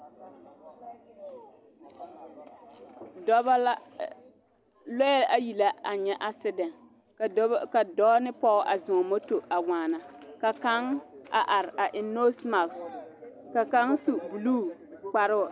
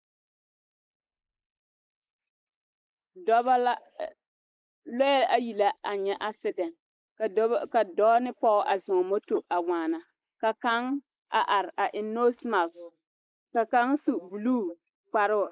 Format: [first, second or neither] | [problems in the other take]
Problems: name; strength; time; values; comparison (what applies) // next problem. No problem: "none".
first | noise reduction (neural mask model Resemble Enhance denoiser)